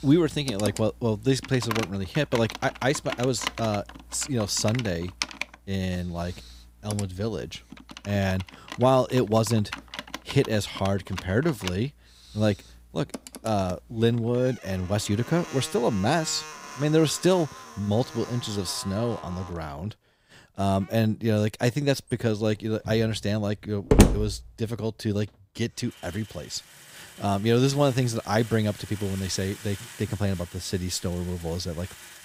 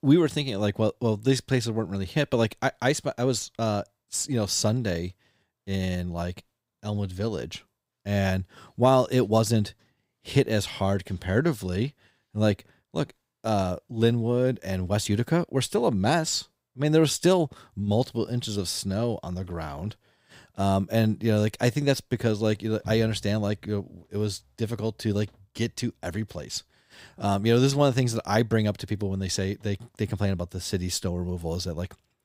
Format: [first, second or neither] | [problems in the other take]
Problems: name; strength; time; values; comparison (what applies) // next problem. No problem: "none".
second | household noises; loud; throughout; 8 dB below the speech